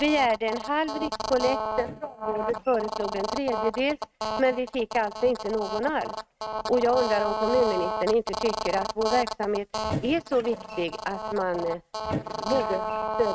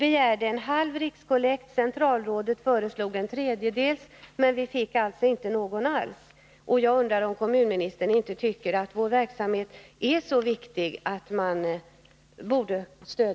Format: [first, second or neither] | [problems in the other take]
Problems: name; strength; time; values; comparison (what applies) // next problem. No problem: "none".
second | noise reduction (neural mask model RNNoise)